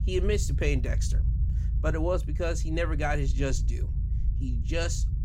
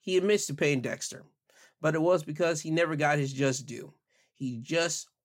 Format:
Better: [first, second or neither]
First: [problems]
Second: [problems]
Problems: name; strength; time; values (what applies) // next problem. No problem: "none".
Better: second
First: low rumble; noticeable; throughout; 15 dB below the speech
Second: none